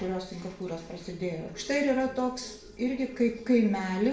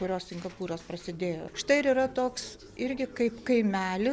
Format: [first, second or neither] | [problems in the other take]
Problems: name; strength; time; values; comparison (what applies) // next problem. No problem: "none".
second | room echo; dies away in 0.5 s